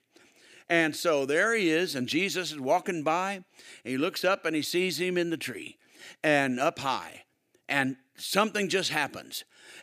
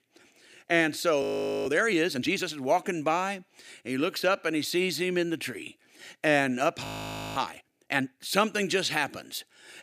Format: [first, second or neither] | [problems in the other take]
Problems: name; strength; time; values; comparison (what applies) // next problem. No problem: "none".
first | audio freezing; at 1 s and at 7 s for 0.5 s